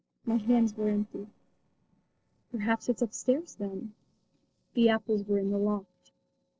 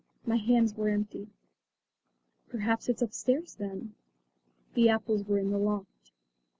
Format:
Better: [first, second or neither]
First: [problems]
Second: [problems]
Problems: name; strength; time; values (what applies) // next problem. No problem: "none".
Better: second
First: noise reduction (neural separator model SepFormer DNS4)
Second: none